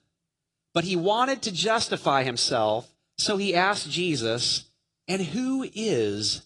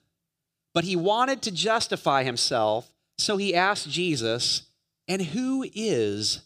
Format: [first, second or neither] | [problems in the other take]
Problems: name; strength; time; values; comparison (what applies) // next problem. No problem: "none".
second | garbled, watery; slightly